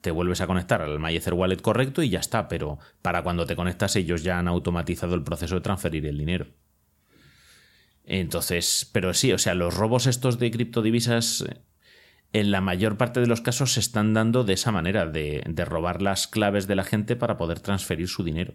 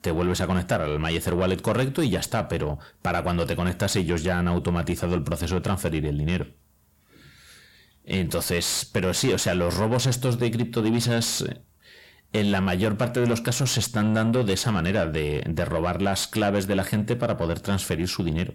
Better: first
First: none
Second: distortion; slight; 10 dB below the speech

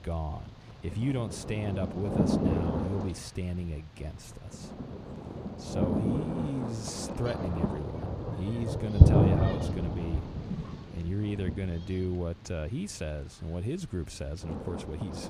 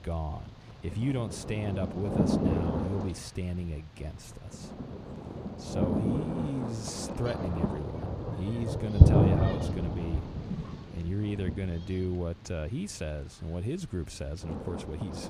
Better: neither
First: rain or running water; very loud; throughout; 5 dB above the speech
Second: rain or running water; very loud; throughout; 5 dB above the speech

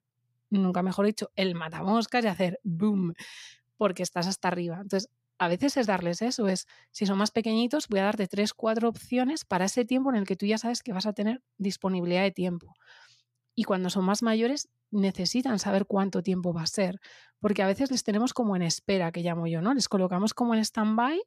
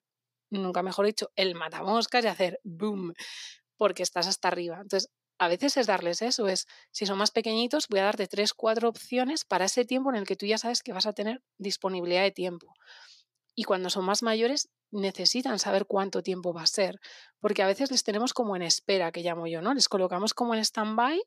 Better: first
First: none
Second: thin; somewhat; fading below 350 Hz

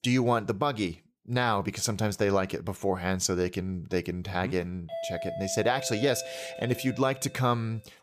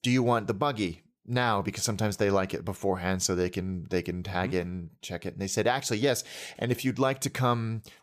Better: second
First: doorbell; noticeable; from 5 to 7.5 s; peak 6 dB below the speech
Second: none

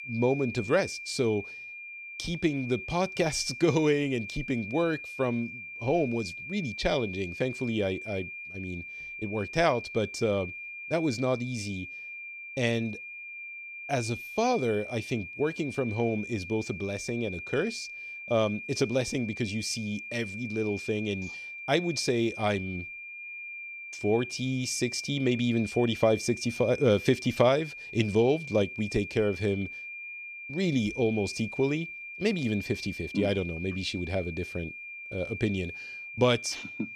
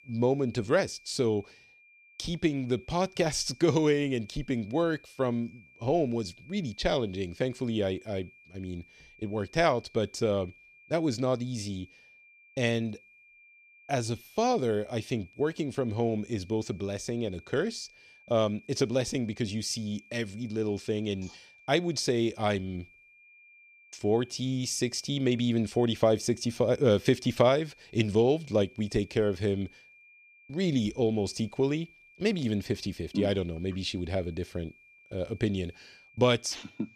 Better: second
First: high-pitched whine; loud; throughout; 2.5 kHz, 9 dB below the speech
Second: high-pitched whine; faint; throughout; 2.5 kHz, 25 dB below the speech

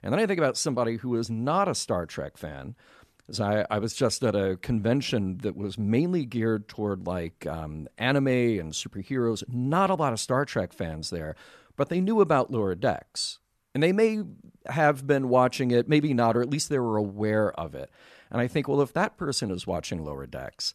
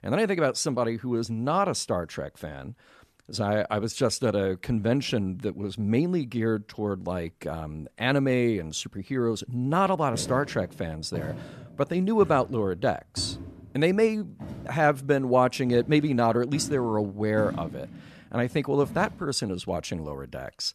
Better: first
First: none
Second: footsteps; noticeable; from 10 to 19 s; peak 7 dB below the speech

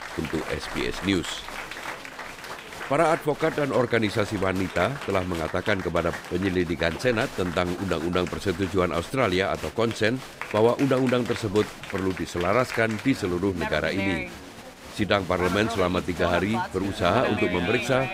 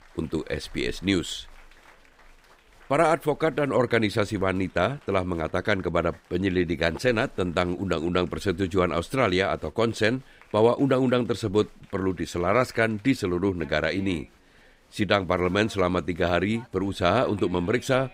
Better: second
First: crowd noise; loud; throughout; 9 dB below the speech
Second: crowd noise; faint; throughout; 30 dB below the speech

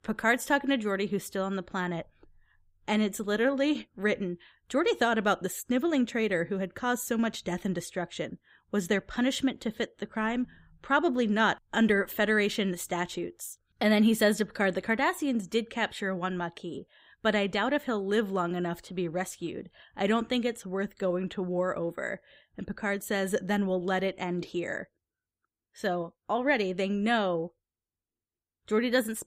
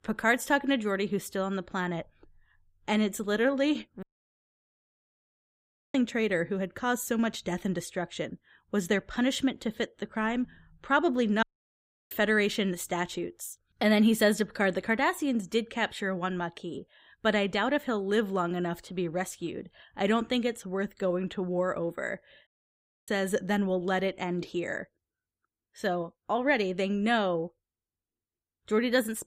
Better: first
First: none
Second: audio cutting out; at 4 s for 2 s, at 11 s for 0.5 s and at 22 s for 0.5 s

